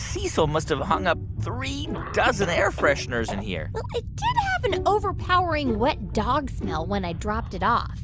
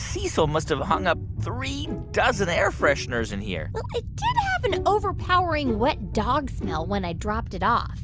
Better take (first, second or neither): second